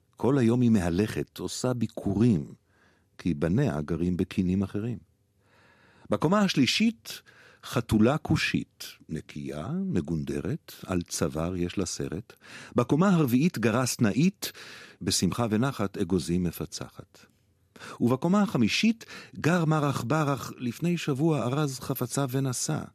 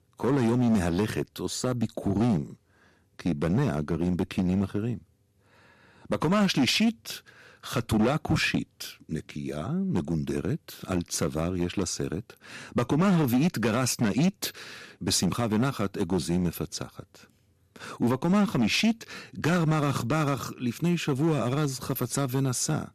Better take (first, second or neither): first